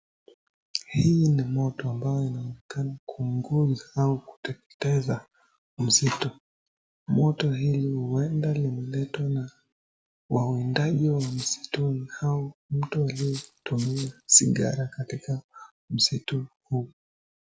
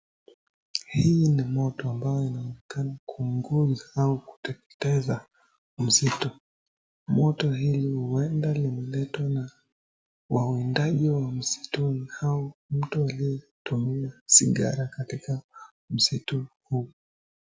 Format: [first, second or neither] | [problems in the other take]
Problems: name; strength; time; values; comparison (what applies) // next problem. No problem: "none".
second | background sound (Rattle (instrument)); 16 dB below the speech